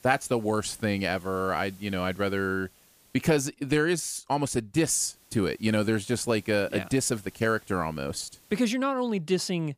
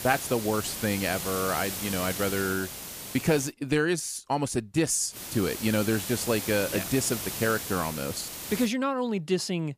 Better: first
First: hiss; faint; until 3.5 s and from 5 to 8.5 s; 25 dB below the speech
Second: hiss; loud; until 3.5 s and from 5 to 8.5 s; 6 dB below the speech

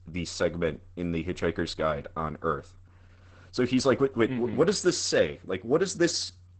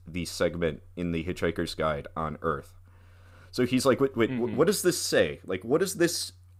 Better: second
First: garbled, watery; badly; nothing above 8 kHz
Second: none

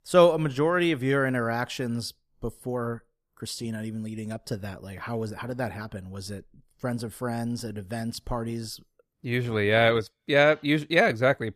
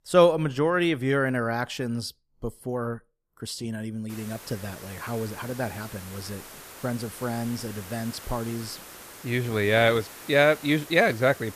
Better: first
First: none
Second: hiss; noticeable; from 4 s on; 15 dB below the speech

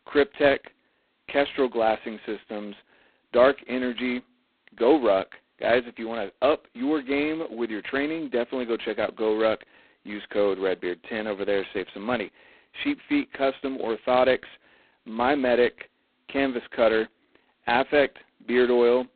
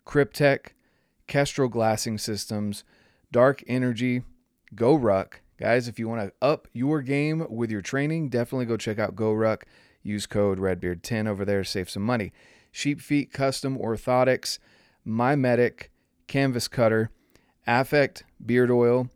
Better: second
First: phone-call audio; poor line; nothing above 4 kHz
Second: none

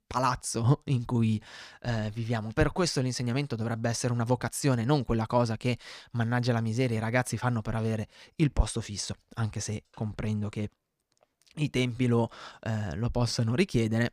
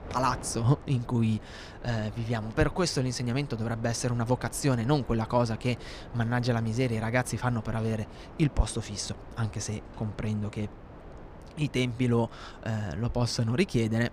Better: first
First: none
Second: wind noise on the microphone; occasional gusts; 15 dB below the speech

